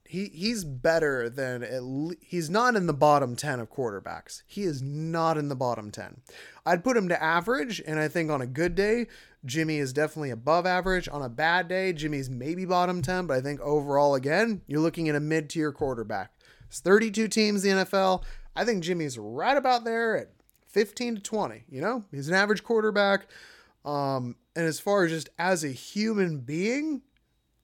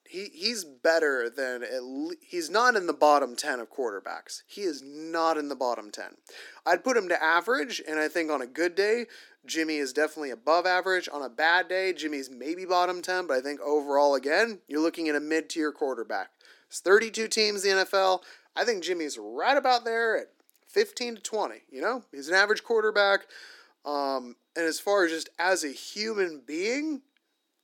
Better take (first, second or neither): first